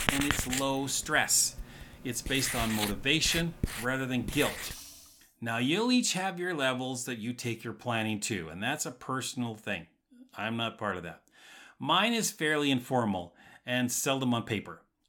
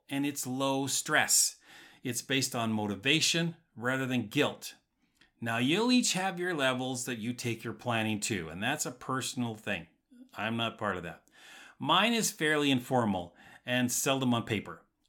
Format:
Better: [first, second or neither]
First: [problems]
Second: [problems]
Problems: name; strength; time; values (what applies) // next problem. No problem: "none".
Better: second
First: household noises; loud; until 5 s; 5 dB below the speech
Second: none